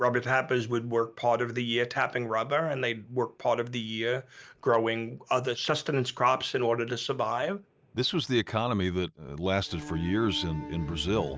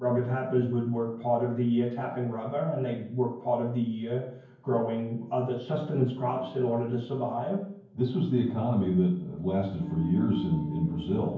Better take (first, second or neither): first